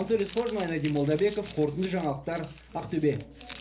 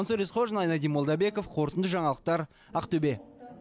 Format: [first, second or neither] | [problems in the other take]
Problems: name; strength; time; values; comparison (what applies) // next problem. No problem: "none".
second | background sound (Crumpling, crinkling); 19 dB below the speech // room echo; dies away in 0.3 s